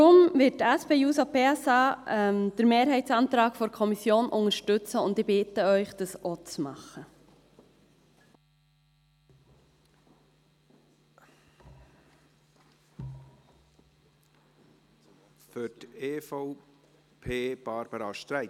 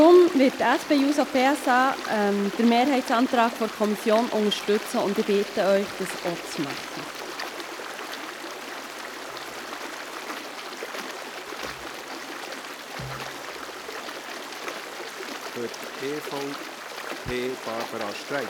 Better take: first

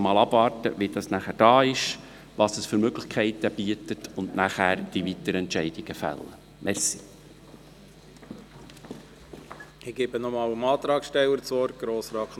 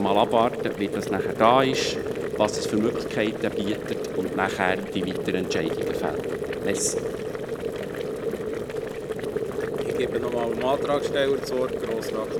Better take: first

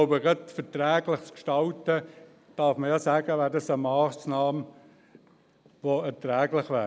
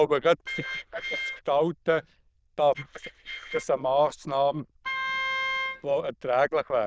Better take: first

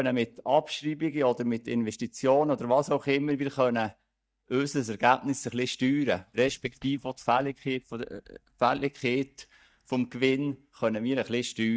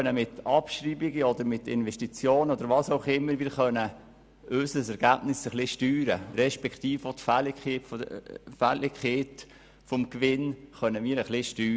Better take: second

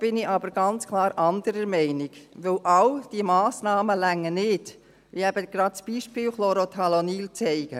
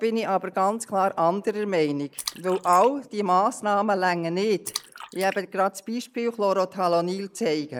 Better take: first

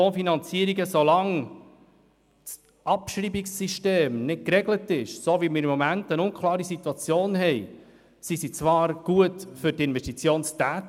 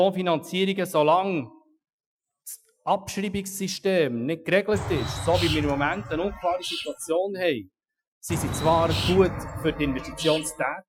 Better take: first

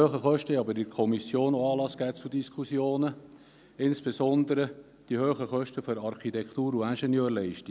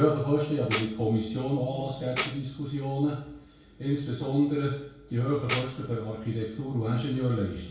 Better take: first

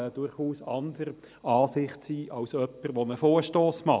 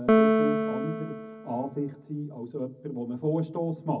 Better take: first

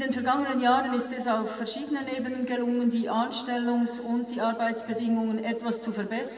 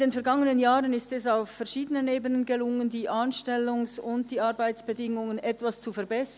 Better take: second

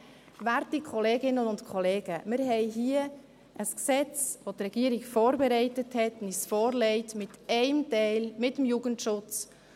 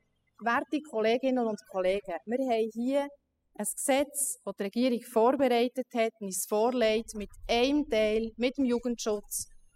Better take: first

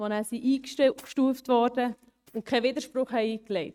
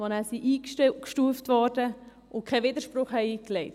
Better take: second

